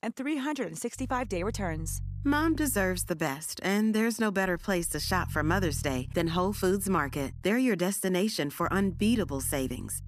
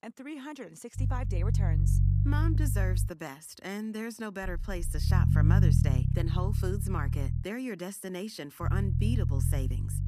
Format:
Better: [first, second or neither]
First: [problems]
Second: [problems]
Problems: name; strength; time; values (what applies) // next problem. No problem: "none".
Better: first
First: low rumble; faint; from 1 to 3 s, from 4.5 to 7.5 s and from 8.5 s on; 25 dB below the speech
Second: low rumble; loud; from 1 to 3 s, from 4.5 to 7.5 s and from 8.5 s on; 2 dB below the speech